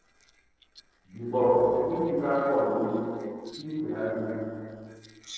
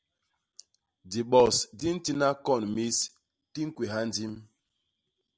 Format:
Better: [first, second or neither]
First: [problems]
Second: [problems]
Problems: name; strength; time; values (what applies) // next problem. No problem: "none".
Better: second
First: noise reduction (neural separator model SepFormer DNS4)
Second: none